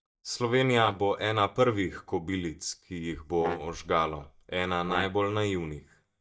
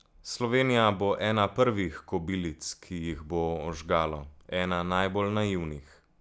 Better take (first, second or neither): second